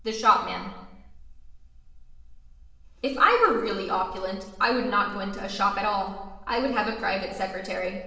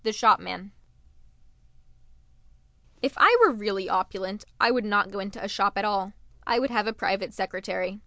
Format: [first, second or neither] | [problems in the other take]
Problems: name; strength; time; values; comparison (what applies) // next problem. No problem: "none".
second | room echo; dies away in 0.9 s